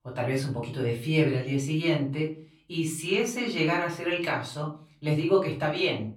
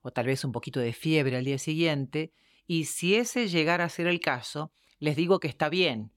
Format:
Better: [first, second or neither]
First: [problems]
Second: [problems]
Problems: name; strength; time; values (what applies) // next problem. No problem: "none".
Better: second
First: off-mic speech; far // room echo; slight; dies away in 0.3 s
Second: none